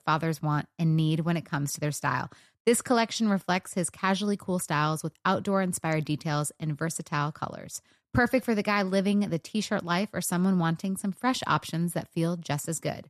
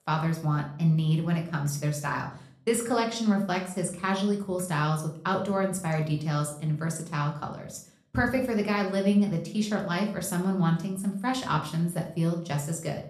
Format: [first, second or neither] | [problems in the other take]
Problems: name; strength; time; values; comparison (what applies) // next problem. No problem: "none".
first | room echo; slight; dies away in 0.4 s // off-mic speech; somewhat distant